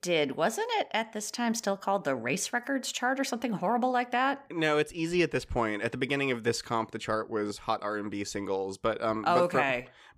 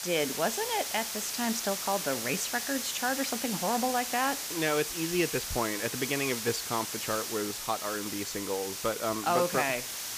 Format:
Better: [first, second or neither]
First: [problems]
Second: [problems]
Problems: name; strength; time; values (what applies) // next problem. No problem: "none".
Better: first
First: none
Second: hiss; loud; throughout; 2 dB below the speech